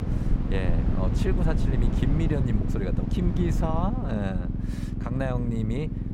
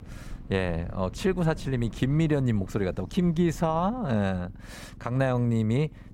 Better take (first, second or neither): second